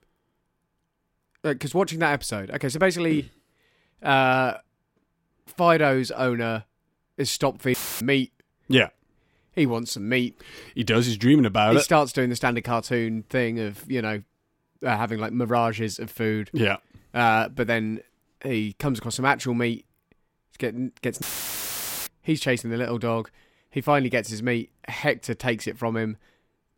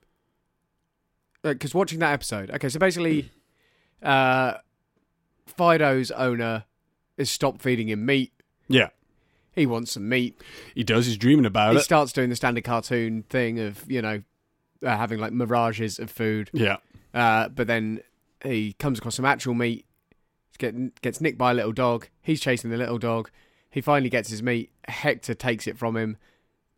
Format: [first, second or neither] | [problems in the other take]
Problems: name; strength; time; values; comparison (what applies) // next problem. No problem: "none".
second | audio cutting out; filled with static; at 7.5 s and at 21 s for 1 s